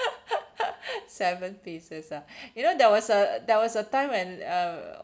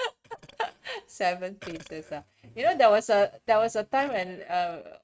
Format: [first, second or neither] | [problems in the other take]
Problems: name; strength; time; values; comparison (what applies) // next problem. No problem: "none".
first | noise reduction (neural mask model RNNoise)